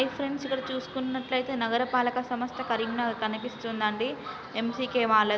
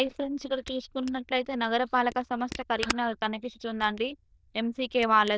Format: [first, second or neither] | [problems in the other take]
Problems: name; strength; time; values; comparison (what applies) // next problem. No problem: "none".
first | noise reduction (neural diffusion model UNIVERSE++)